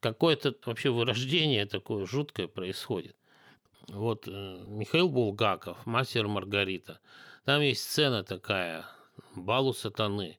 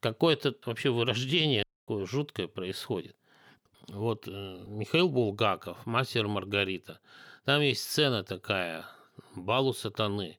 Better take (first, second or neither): first